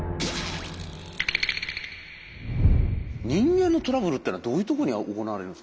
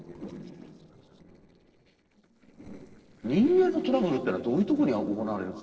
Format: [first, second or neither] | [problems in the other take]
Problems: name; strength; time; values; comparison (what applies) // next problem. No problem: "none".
first | noise reduction (neural separator model SepFormer DNS4)